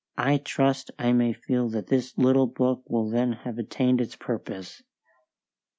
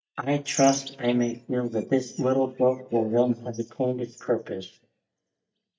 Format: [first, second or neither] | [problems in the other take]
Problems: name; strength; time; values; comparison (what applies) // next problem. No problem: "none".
first | noise reduction (neural mask model DeepFilterNet 3)